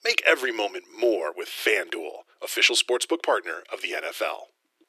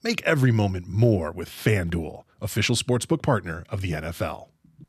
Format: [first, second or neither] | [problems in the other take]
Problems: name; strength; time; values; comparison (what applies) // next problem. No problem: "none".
second | thin; very; fading below 350 Hz